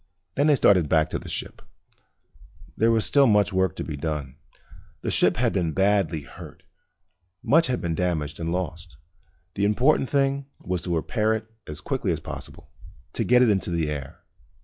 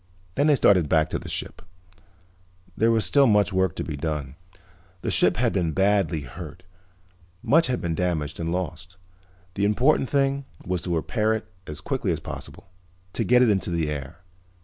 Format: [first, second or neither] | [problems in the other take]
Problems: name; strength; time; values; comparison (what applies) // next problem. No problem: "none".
second | noise reduction (classical method log-MMSE)